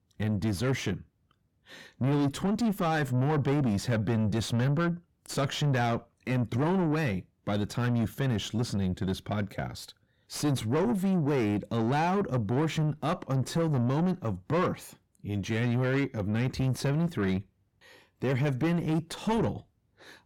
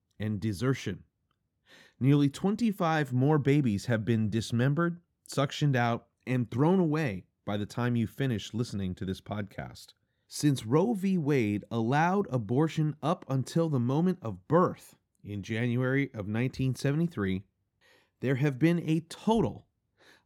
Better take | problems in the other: second | distortion; heavy; 6 dB below the speech

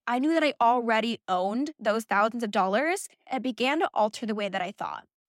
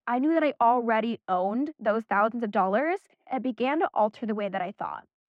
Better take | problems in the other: first | muffled; very; fading above 4 kHz

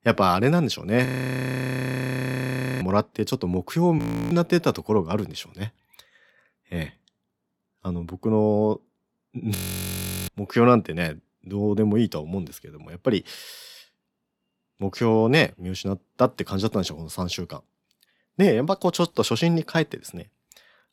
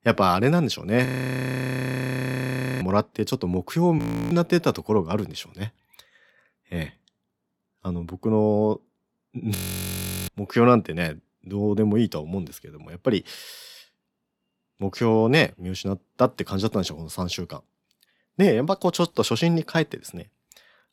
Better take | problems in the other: neither | audio freezing; at 1 s for 2 s, at 4 s and at 9.5 s for 0.5 s; the same in both

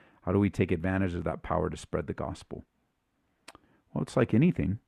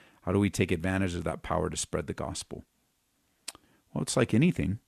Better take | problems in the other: second | muffled; slightly; fading above 3 kHz

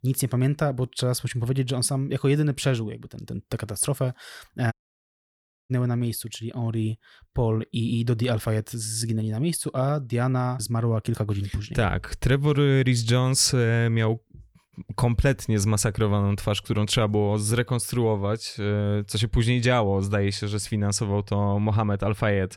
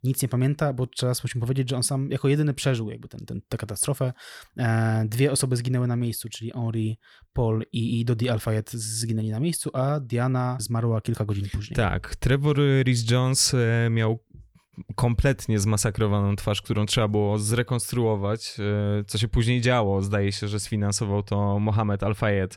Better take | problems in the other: second | audio cutting out; at 4.5 s for 1 s

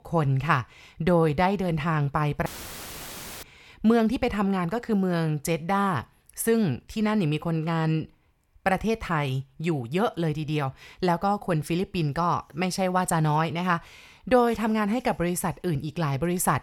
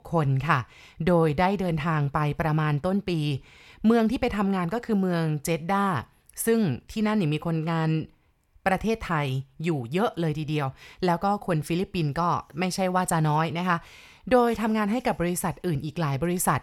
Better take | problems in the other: second | audio cutting out; filled with static; at 2.5 s for 1 s

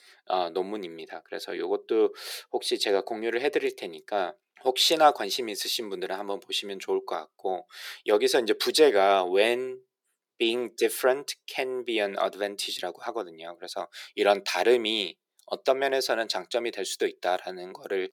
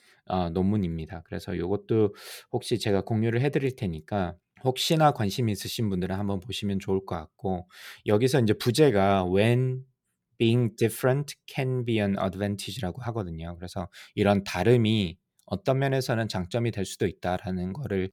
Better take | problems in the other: second | thin; very; fading below 350 Hz

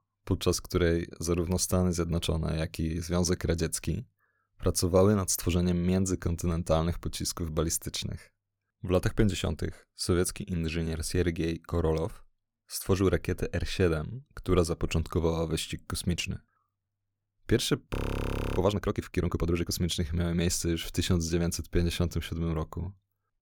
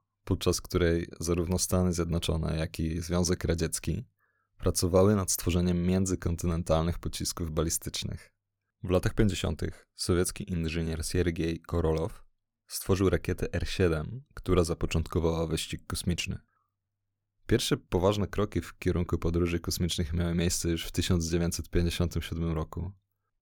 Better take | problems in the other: second | audio freezing; at 18 s for 0.5 s

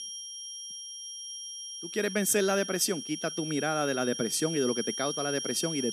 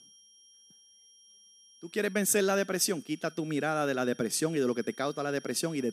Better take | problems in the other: second | high-pitched whine; loud; throughout; 5.5 kHz, 6 dB below the speech; faint in the second

